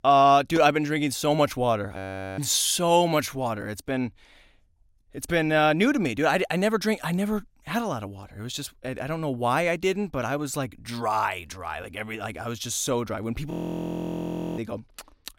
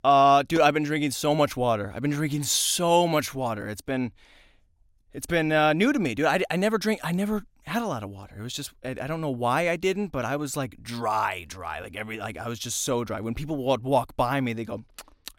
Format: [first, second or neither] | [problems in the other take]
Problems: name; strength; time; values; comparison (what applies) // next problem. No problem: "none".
second | audio freezing; at 2 s and at 14 s for 1 s